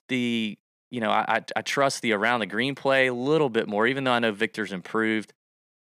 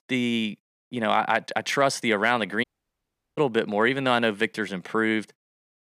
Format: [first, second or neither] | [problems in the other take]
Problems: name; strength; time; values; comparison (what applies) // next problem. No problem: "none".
first | audio cutting out; at 2.5 s for 0.5 s